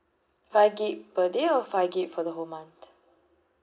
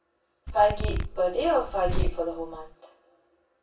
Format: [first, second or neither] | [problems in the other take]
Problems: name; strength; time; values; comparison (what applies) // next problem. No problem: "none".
first | background sound (Zipper (clothing)); 2 dB below the speech // room echo; dies away in 0.3 s